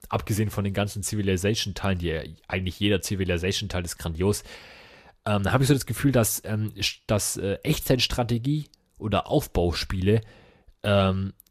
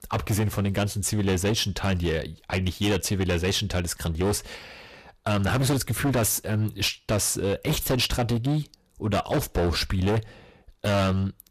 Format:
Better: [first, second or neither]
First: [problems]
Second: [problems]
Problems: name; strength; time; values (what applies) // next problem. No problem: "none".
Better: first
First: none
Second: distortion; heavy; 15% of the sound clipped